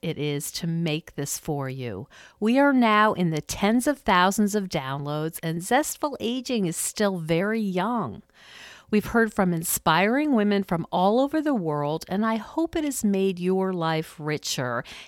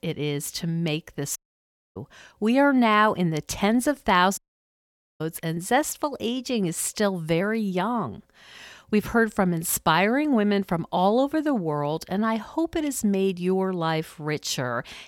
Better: first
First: none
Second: audio cutting out; at 1.5 s for 0.5 s and at 4.5 s for 1 s

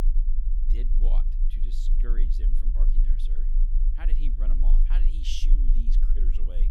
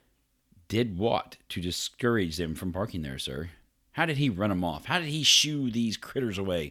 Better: second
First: low rumble; loud; throughout; 7 dB below the speech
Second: none

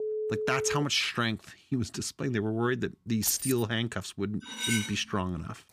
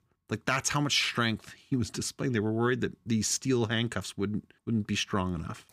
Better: second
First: phone ringing; noticeable; at the start; peak 2 dB below the speech // jangling keys; loud; at 3 s; peak level with the speech // clattering dishes; loud; at 4.5 s; peak 1 dB above the speech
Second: none

